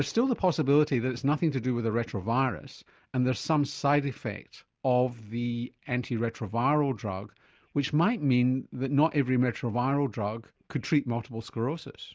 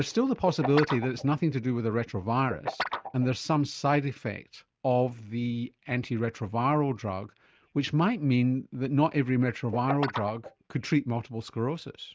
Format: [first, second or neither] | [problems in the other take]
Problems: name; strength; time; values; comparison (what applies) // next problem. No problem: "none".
first | noise reduction (neural mask model RNNoise)